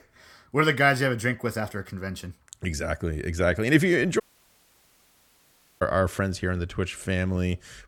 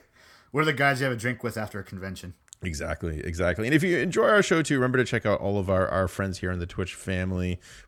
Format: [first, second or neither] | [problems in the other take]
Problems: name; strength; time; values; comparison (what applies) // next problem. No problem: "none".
second | audio cutting out; at 4 s for 1.5 s